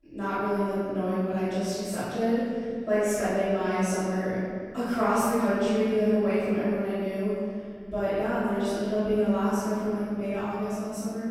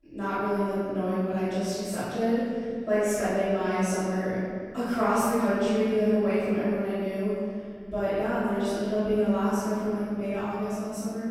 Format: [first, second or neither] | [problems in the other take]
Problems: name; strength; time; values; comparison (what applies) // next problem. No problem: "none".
neither | off-mic speech; far; the same in both // room echo; strong; dies away in 2.4 s; the same in both